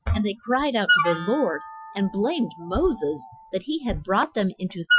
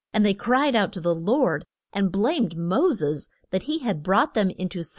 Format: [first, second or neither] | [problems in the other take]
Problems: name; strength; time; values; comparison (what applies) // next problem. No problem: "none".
second | noise reduction (classical method Wiener filter)